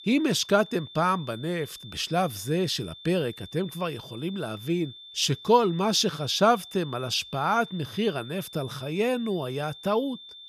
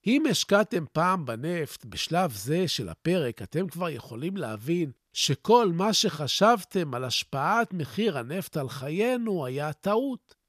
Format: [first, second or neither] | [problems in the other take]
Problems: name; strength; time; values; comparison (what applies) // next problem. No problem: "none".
second | high-pitched whine; noticeable; throughout; 3.5 kHz, 15 dB below the speech